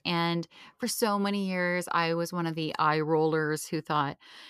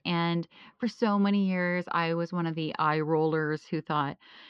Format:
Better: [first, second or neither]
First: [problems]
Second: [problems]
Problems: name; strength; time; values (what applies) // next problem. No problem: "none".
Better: first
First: none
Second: muffled; very slightly; fading above 4 kHz